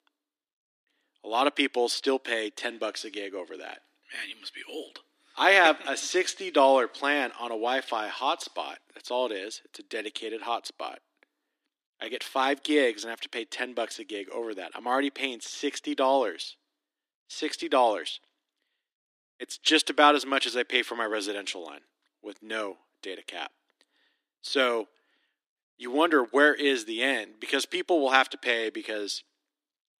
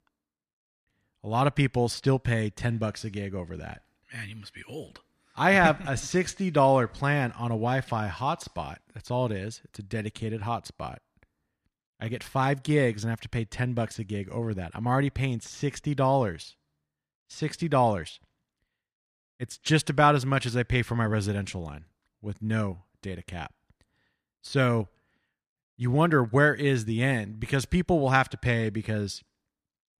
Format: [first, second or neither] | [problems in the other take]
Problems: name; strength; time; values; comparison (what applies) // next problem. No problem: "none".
second | thin; somewhat; fading below 300 Hz